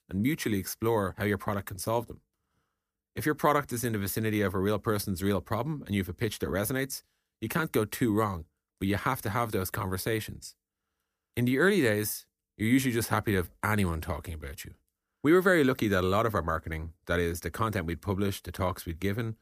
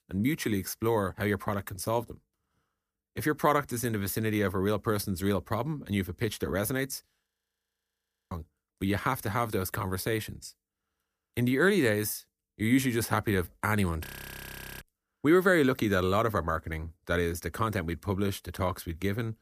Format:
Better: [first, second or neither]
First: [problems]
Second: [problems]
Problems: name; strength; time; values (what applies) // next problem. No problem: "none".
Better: first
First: none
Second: audio freezing; at 7.5 s for 1 s and at 14 s for 1 s